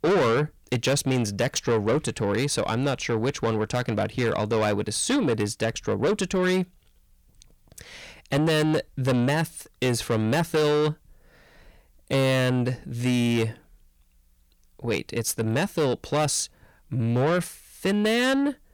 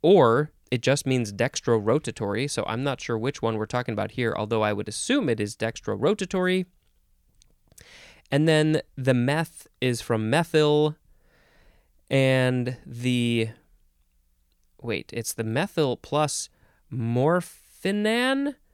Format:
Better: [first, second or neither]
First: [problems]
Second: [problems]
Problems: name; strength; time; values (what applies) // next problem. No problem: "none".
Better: second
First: distortion; heavy; 7 dB below the speech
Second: none